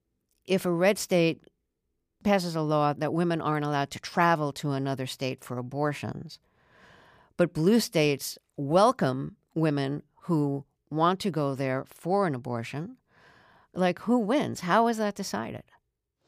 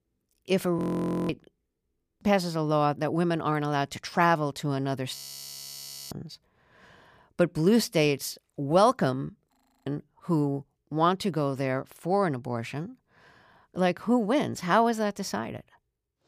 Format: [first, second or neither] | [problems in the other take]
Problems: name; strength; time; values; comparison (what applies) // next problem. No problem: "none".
first | audio freezing; at 1 s for 0.5 s, at 5 s for 1 s and at 9.5 s